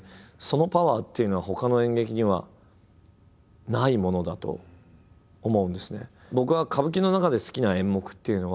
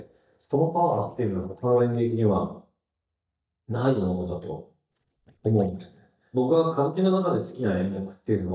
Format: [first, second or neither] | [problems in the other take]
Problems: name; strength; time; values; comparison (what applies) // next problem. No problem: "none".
first | noise reduction (neural mask model DeepFilterNet 3)